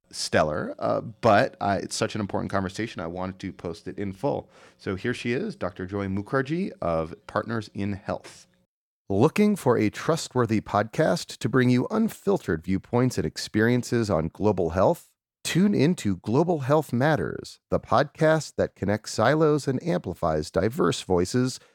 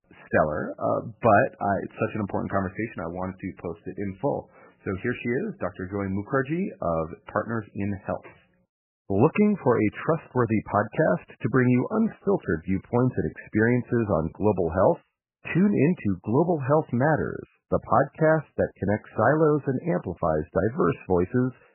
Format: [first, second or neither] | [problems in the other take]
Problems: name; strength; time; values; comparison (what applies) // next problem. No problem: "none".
first | garbled, watery; badly; nothing above 2.5 kHz